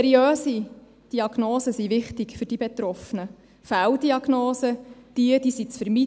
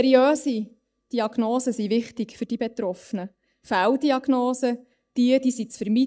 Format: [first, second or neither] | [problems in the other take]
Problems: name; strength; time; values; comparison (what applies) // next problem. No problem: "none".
first | noise reduction (neural mask model DeepFilterNet 3)